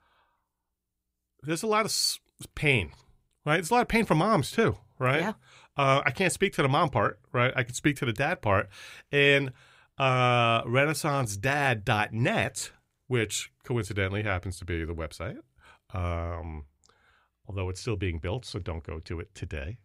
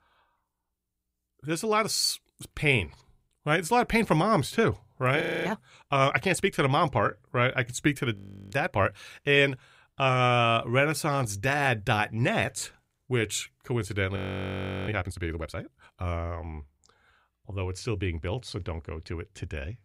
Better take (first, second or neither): first